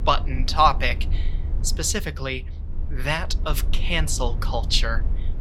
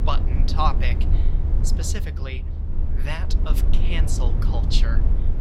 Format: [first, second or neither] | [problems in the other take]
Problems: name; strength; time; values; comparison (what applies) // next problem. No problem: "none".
first | low rumble; loud; throughout; 8 dB below the speech; faint in the first